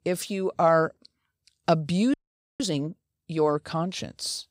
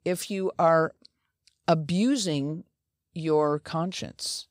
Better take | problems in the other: second | audio freezing; at 2 s

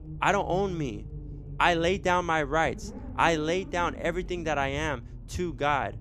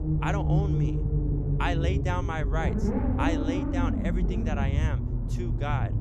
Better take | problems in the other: first | low rumble; loud; throughout; 3 dB below the speech; faint in the first

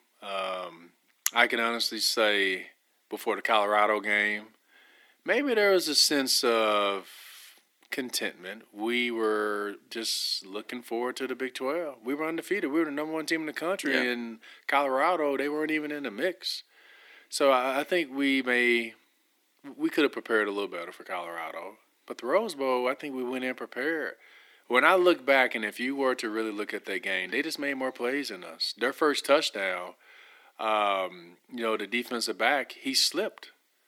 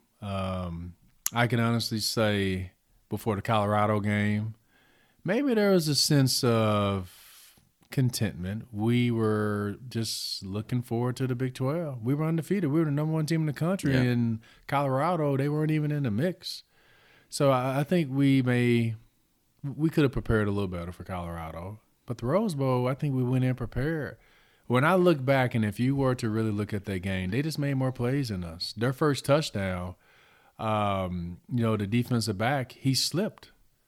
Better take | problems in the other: second | thin; somewhat; fading below 300 Hz

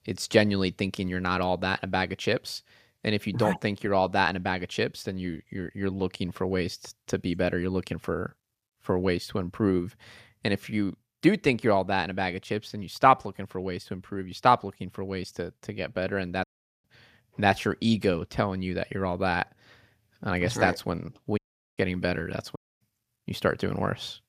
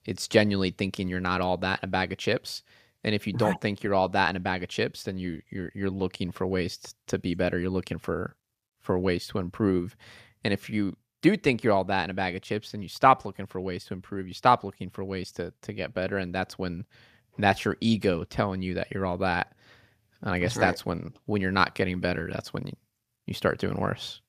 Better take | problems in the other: second | audio cutting out; at 16 s, at 21 s and at 23 s

